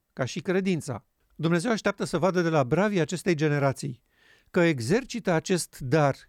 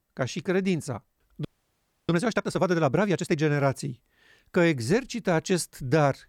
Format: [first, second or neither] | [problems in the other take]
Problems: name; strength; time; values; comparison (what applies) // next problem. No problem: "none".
first | audio freezing; at 1.5 s for 0.5 s